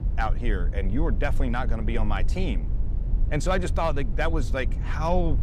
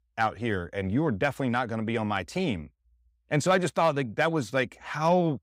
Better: second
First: low rumble; noticeable; throughout; 15 dB below the speech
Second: none

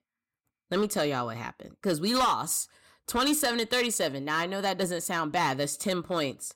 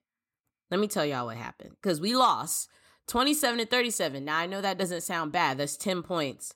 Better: second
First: distortion; slight; 4% of the sound clipped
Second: none

